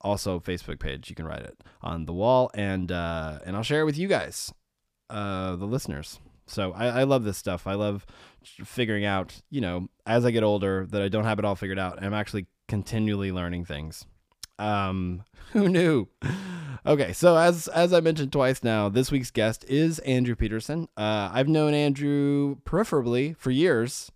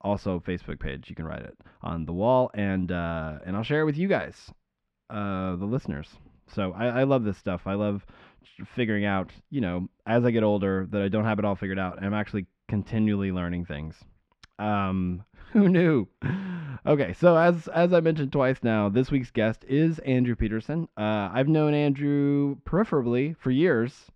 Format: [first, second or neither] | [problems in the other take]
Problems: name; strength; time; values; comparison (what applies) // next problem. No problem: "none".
first | muffled; slightly; fading above 2.5 kHz